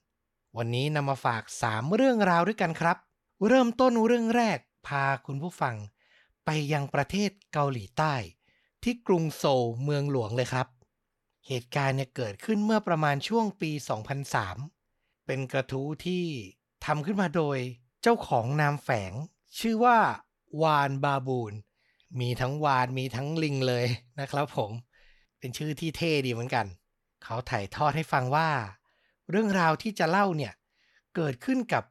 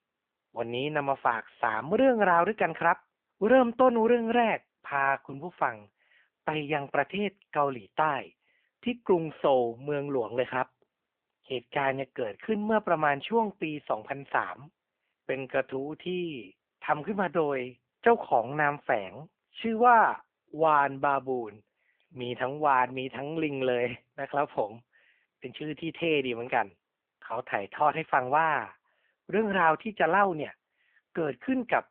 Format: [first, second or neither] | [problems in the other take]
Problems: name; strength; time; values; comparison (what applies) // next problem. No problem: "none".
first | phone-call audio